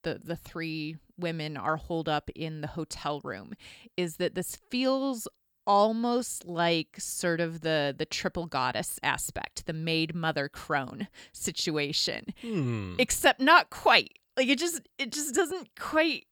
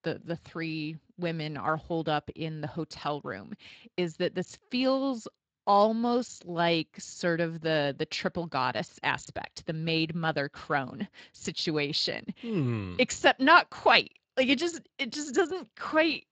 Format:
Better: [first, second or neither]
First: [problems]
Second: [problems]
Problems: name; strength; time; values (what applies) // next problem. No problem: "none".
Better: first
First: none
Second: garbled, watery; slightly; nothing above 7.5 kHz